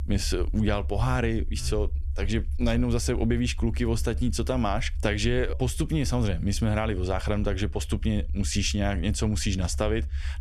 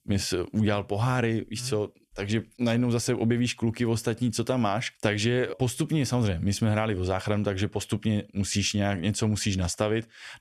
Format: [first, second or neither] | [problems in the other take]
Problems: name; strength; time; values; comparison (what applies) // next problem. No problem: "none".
second | low rumble; faint; throughout; 20 dB below the speech